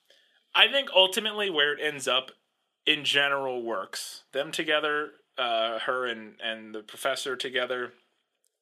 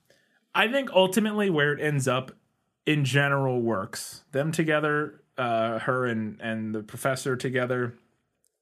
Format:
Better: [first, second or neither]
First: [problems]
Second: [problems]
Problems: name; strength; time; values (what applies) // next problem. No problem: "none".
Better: second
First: thin; somewhat; fading below 450 Hz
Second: none